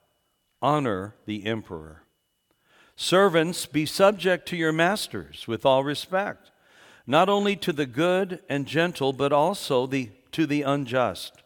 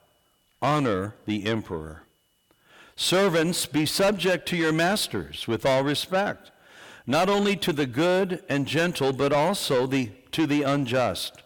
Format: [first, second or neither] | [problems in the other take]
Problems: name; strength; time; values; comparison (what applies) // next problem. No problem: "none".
first | distortion; heavy; 7 dB below the speech